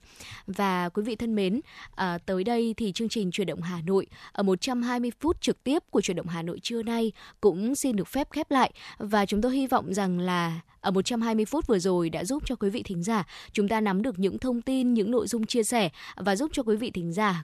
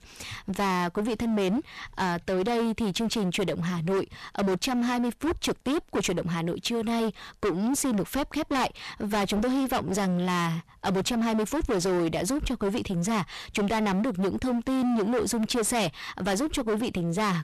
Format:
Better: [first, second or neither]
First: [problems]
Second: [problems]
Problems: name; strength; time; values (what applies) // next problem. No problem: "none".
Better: first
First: none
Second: distortion; heavy; 26% of the sound clipped